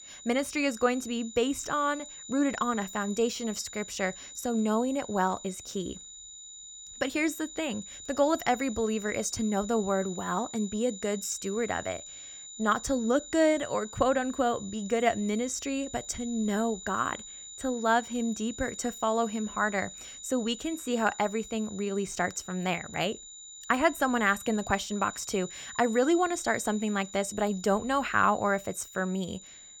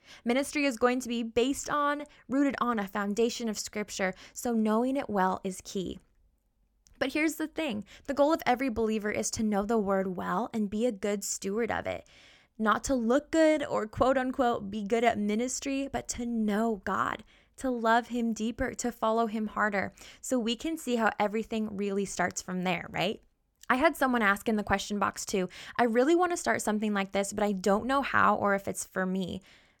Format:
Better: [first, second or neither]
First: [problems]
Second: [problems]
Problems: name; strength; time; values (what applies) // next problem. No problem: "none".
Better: second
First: high-pitched whine; noticeable; throughout; 7 kHz, 15 dB below the speech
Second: none